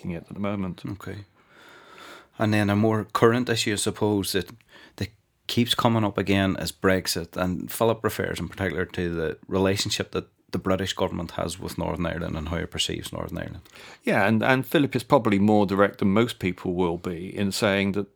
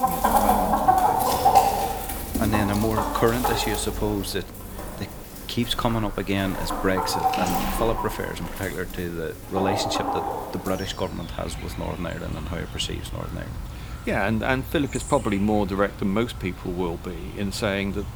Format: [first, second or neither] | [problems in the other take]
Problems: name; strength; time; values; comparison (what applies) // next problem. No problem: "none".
first | animal sounds; very loud; throughout; as loud as the speech